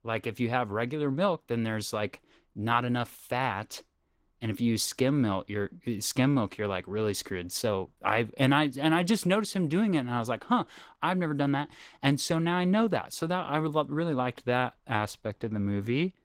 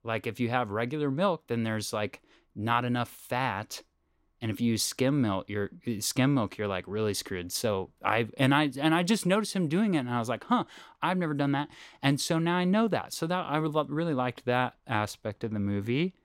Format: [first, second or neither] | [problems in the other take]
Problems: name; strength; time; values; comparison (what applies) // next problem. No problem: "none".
second | garbled, watery; slightly; nothing above 16 kHz